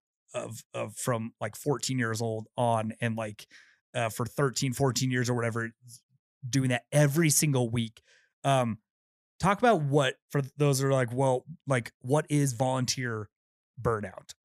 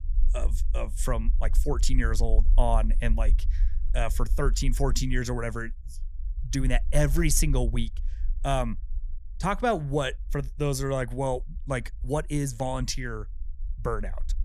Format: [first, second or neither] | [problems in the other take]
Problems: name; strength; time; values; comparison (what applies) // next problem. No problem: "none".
first | low rumble; faint; throughout; 25 dB below the speech